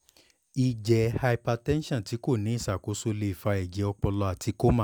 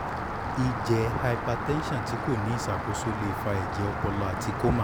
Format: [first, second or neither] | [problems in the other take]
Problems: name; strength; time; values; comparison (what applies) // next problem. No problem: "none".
first | background sound (Rain); 2 dB below the speech